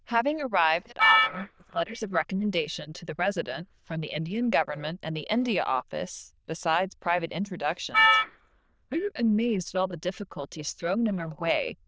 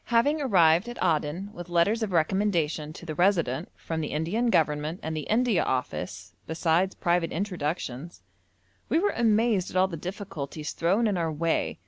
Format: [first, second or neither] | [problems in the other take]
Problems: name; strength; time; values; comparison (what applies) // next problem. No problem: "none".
second | noise reduction (neural diffusion model UNIVERSE++)